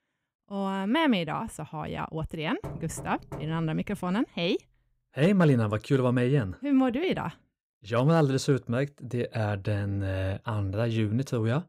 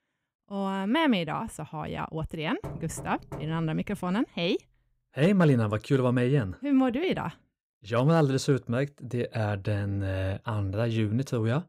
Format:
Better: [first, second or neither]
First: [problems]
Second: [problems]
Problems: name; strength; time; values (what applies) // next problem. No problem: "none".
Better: neither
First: door banging; faint; from 2.5 to 4 s; peak 15 dB below the speech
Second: door banging; faint; from 2.5 to 4 s; peak 15 dB below the speech